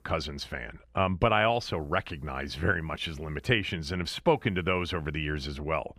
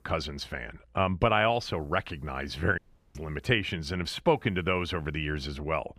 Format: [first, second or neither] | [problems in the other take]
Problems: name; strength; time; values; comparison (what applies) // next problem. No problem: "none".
first | audio cutting out; at 3 s